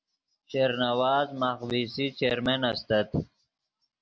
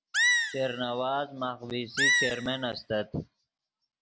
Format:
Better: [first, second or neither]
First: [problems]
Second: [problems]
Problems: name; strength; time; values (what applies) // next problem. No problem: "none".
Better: first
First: none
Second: background sound (Animal); 4 dB above the speech